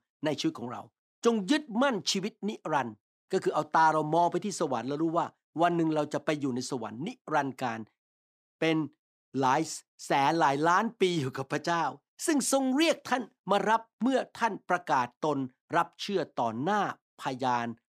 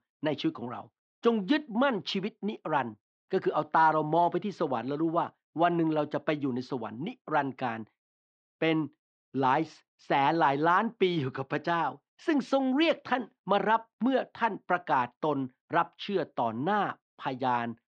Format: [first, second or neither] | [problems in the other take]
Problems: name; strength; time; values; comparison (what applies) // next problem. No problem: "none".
first | muffled; slightly; fading above 3.5 kHz